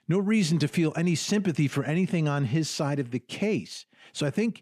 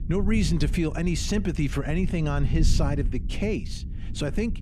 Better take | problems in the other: first | low rumble; noticeable; throughout; 15 dB below the speech

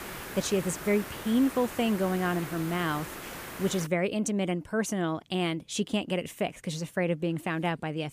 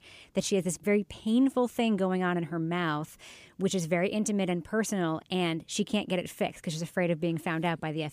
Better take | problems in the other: second | hiss; loud; until 4 s; 10 dB below the speech

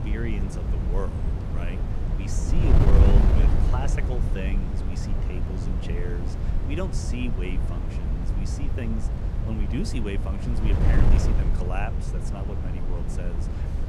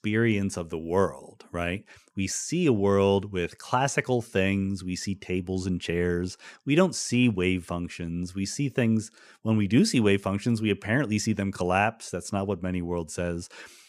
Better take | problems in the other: second | wind noise on the microphone; heavy; as loud as the speech

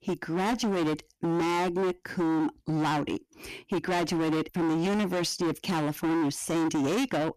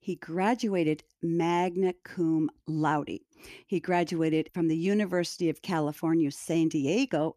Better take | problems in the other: second | distortion; heavy; 33% of the sound clipped

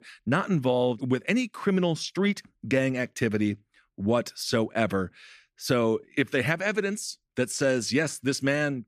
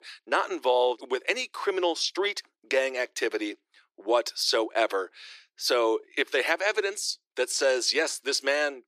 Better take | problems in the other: first | thin; very; fading below 350 Hz

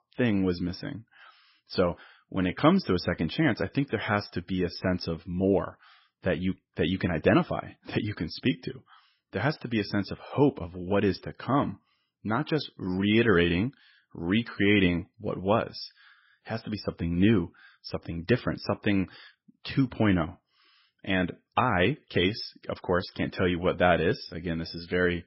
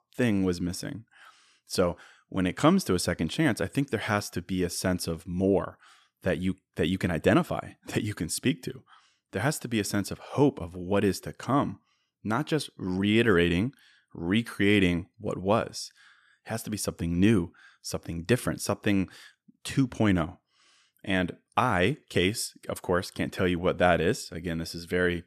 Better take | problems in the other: second | garbled, watery; badly; nothing above 5.5 kHz

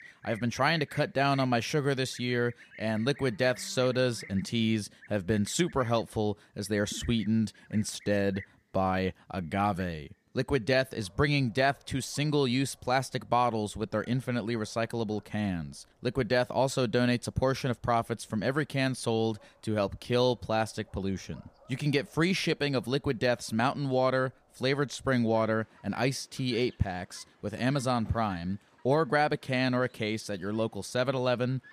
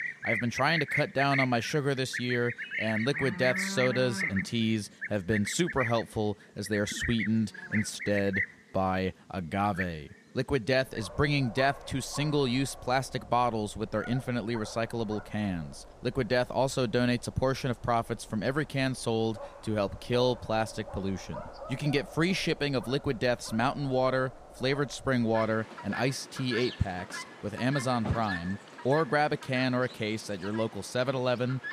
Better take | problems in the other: first | animal sounds; loud; throughout; 7 dB below the speech; faint in the first

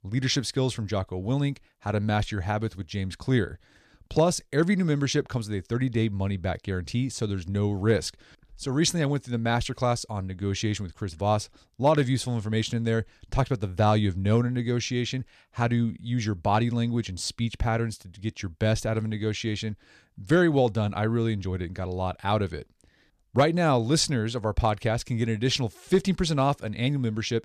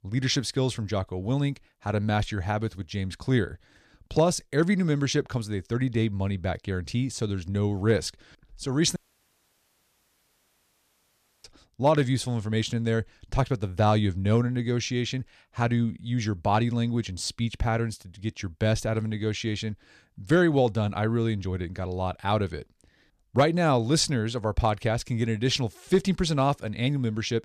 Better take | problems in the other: first | audio cutting out; at 9 s for 2.5 s

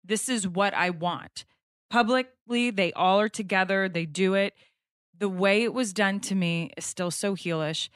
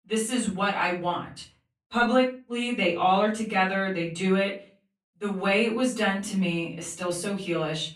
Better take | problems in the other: first | room echo; slight; dies away in 0.3 s // off-mic speech; far

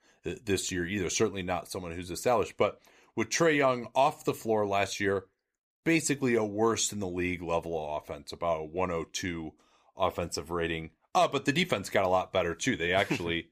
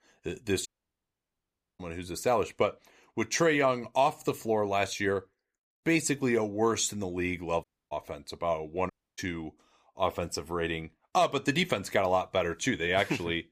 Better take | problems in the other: first | audio cutting out; at 0.5 s for 1 s, at 7.5 s and at 9 s

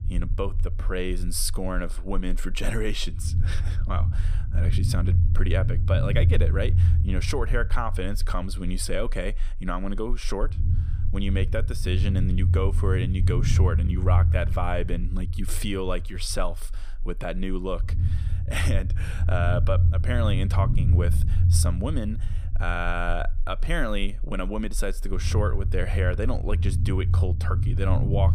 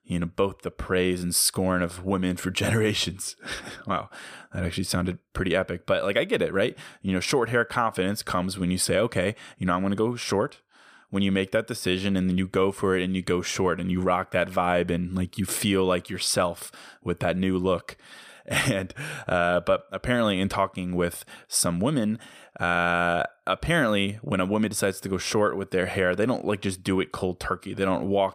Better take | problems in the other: second | low rumble; loud; throughout; 9 dB below the speech

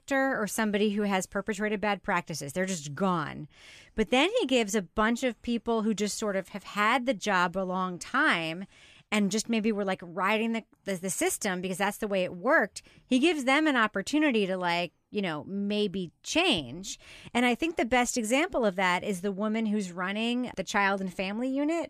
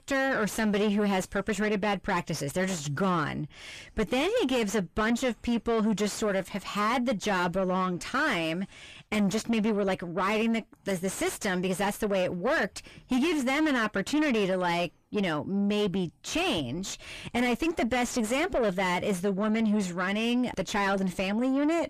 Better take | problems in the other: first | distortion; heavy; 6 dB below the speech

